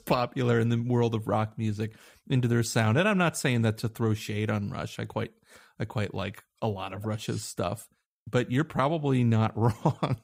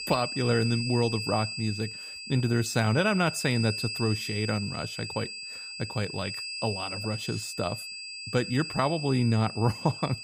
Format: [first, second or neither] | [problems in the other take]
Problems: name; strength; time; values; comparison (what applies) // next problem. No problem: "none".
first | high-pitched whine; loud; throughout; 5 kHz, 6 dB below the speech